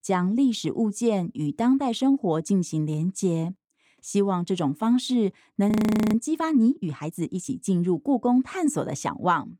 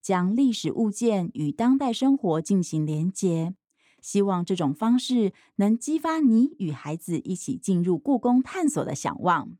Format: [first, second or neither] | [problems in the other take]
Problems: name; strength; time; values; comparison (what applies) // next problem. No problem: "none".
second | audio freezing; at 5.5 s